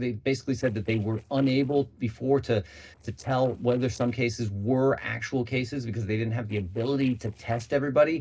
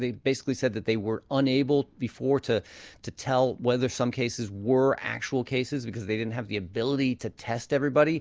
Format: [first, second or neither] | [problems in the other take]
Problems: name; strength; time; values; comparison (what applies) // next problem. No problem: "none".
second | noise reduction (neural separator model SepFormer DNS4)